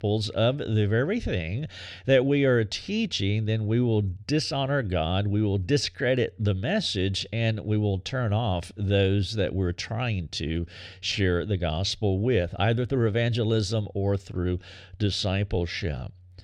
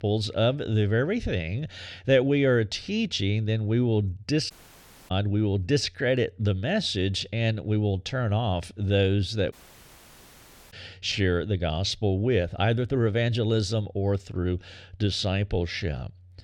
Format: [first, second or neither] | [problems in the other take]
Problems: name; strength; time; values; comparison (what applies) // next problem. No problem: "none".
first | audio cutting out; at 4.5 s for 0.5 s and at 9.5 s for 1 s